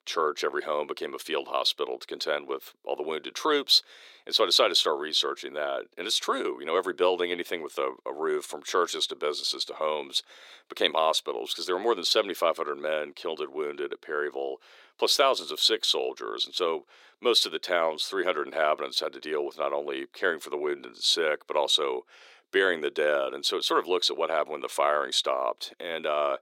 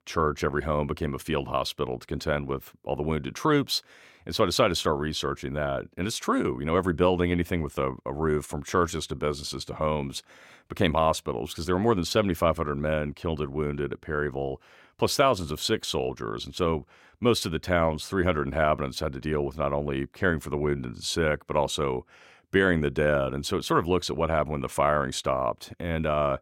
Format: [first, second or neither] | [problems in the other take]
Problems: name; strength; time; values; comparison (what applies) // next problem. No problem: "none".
second | thin; very; fading below 400 Hz